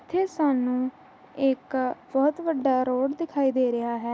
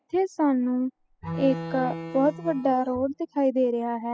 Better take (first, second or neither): first